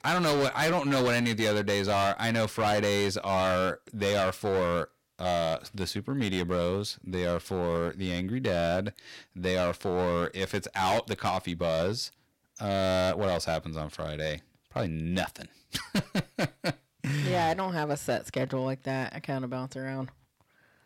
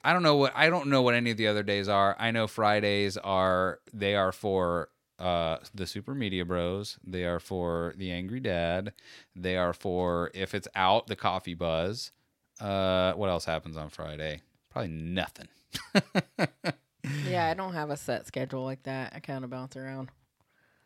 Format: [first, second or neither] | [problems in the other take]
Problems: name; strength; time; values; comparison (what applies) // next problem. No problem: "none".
second | distortion; heavy; 11% of the sound clipped